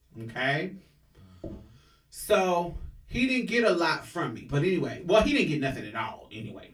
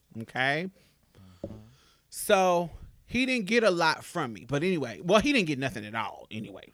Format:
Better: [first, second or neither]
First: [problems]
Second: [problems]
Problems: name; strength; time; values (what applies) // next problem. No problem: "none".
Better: second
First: off-mic speech; far // room echo; very slight; dies away in 0.2 s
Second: none